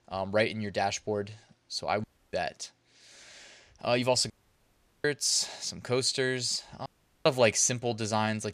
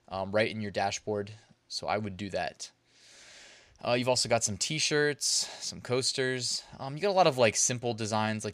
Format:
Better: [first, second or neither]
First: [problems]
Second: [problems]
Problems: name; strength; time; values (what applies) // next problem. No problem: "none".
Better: second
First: audio cutting out; at 2 s, at 4.5 s for 0.5 s and at 7 s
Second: none